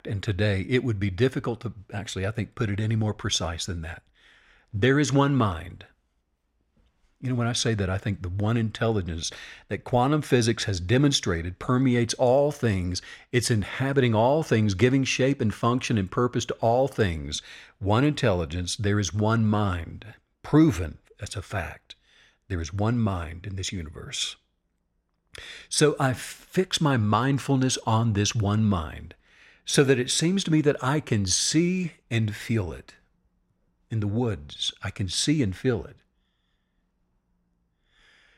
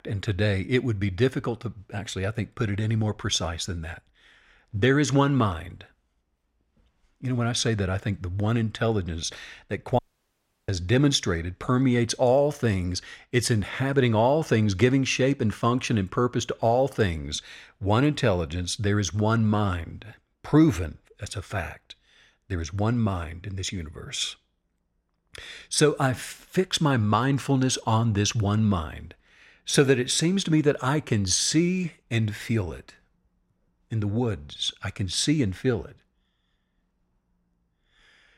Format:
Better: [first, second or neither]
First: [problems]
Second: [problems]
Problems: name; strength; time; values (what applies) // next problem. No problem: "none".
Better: first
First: none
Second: audio cutting out; at 10 s for 0.5 s